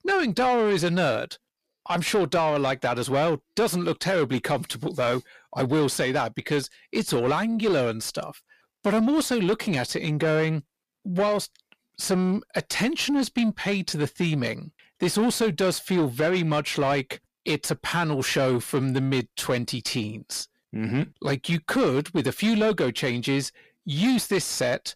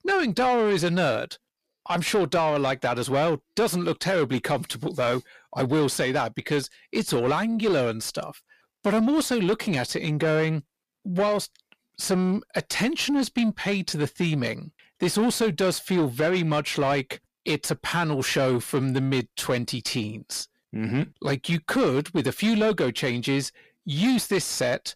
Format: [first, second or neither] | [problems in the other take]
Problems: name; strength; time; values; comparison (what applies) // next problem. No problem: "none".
neither | distortion; slight; 10 dB below the speech; the same in both